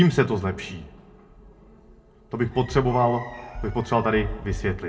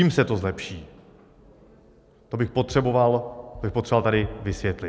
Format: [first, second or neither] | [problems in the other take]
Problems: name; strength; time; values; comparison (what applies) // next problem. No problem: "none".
second | background sound (Chicken, rooster); 20 dB below the speech // room echo; dies away in 0.2 s